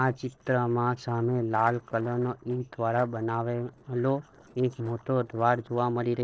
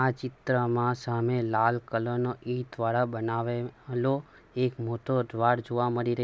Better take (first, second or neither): second